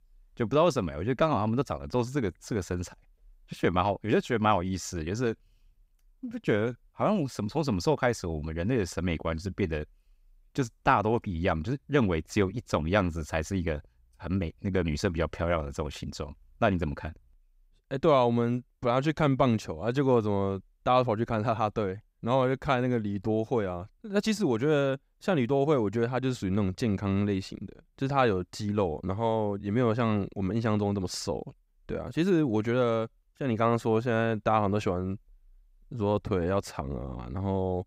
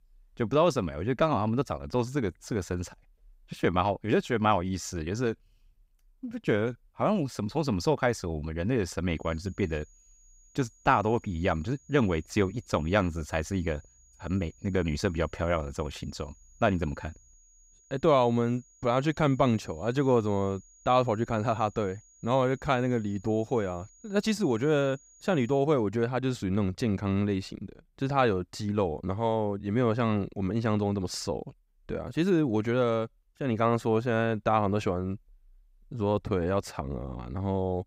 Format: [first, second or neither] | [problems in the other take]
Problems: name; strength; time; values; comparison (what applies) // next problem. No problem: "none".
first | high-pitched whine; faint; from 9 to 26 s; 6.5 kHz, 30 dB below the speech